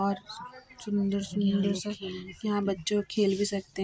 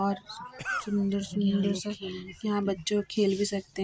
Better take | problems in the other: first | background sound (Cough); 7 dB below the speech

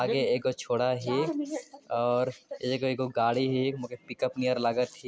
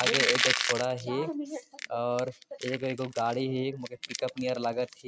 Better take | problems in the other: first | noise reduction (neural mask model RNNoise)

